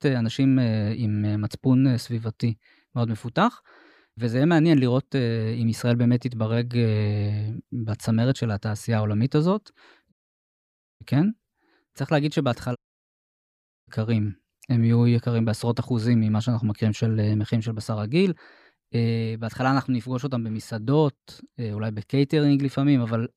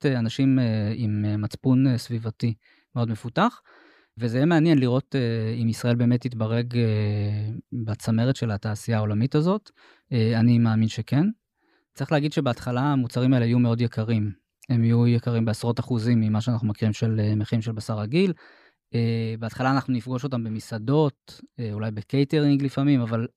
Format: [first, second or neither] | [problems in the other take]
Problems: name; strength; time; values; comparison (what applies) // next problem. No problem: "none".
second | audio cutting out; at 10 s for 1 s and at 13 s for 1 s